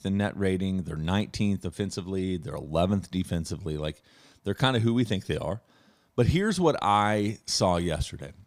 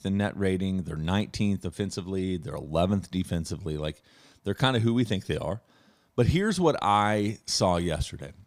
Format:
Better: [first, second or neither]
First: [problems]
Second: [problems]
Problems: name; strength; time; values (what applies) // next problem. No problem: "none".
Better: neither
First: none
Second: none